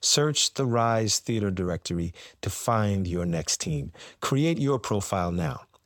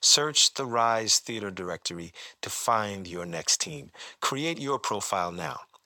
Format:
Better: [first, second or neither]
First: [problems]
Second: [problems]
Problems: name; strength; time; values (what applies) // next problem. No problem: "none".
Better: first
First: none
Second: thin; somewhat; fading below 650 Hz